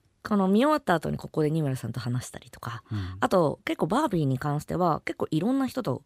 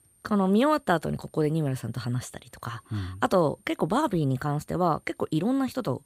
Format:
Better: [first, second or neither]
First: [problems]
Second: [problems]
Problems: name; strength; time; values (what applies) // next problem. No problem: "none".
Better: first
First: none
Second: high-pitched whine; faint; throughout; 9 kHz, 35 dB below the speech